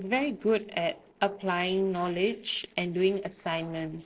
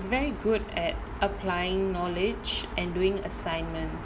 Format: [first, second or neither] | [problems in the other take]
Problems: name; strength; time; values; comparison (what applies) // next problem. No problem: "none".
second | noise reduction (neural separator model SepFormer DNS4)